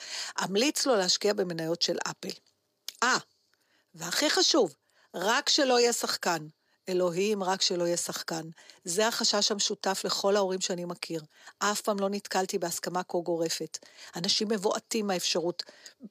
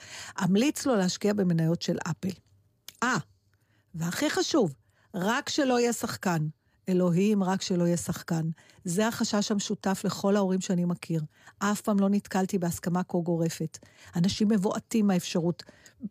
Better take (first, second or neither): second